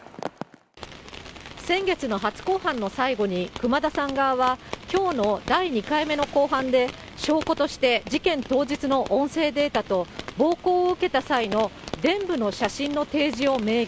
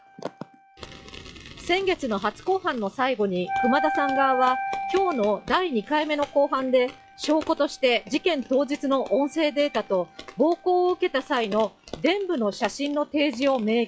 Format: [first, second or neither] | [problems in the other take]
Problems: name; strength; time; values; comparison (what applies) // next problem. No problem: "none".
first | noise reduction (classical method log-MMSE)